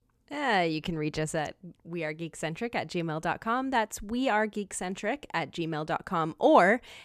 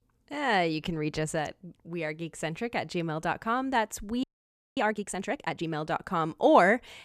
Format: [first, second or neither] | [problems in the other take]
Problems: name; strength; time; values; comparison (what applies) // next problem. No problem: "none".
first | audio freezing; at 4 s for 0.5 s